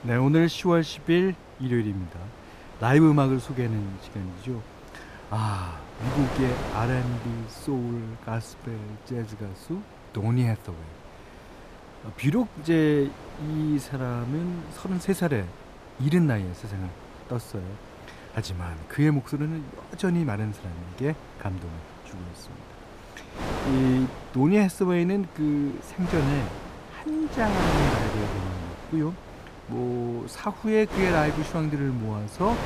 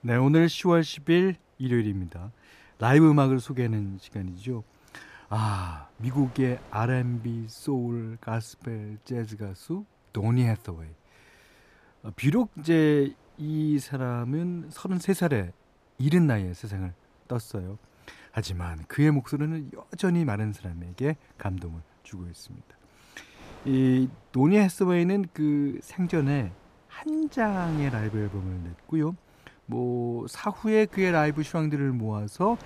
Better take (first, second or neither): second